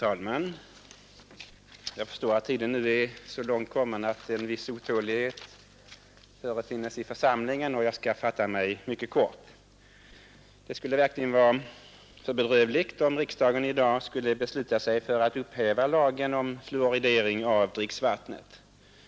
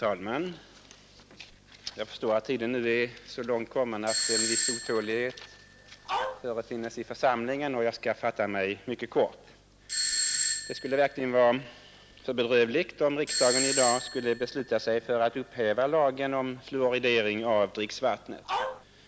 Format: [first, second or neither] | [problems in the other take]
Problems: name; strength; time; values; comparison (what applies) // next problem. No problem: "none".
first | background sound (Dog + Doorbell); 3 dB below the speech